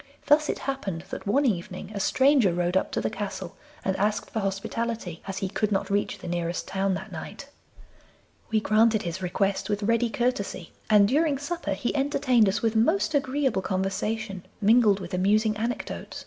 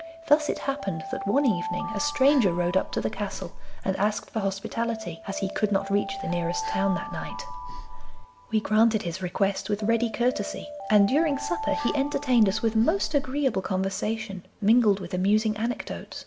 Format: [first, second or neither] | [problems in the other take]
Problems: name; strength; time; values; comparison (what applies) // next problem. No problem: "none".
first | background sound (Alarm + Breathing); 9 dB below the speech